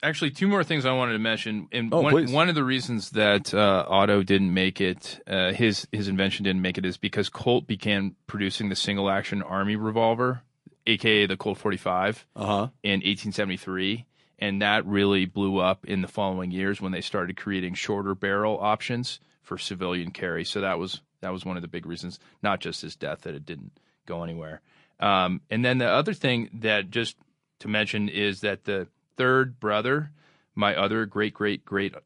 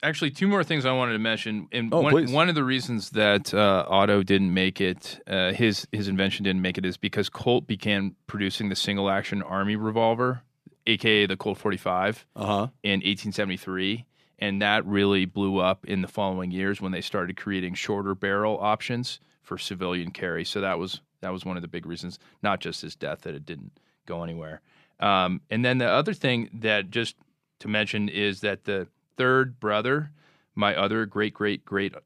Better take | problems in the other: second | garbled, watery; slightly; nothing above 11 kHz

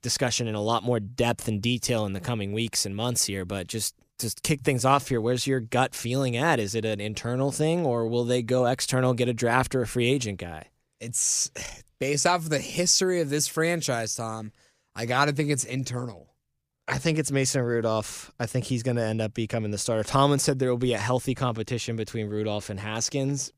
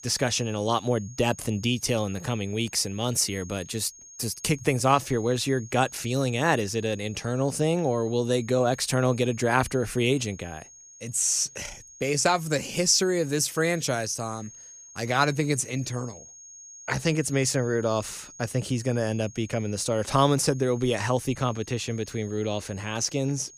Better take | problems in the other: first | high-pitched whine; noticeable; throughout; 6.5 kHz, 20 dB below the speech

